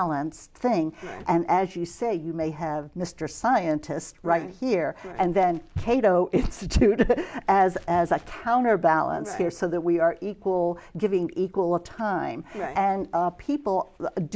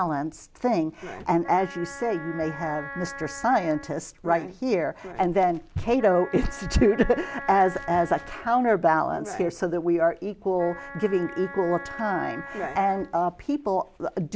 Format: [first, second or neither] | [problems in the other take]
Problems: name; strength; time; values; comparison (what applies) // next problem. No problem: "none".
first | background sound (Wind instrument, woodwind instrument); 15 dB below the speech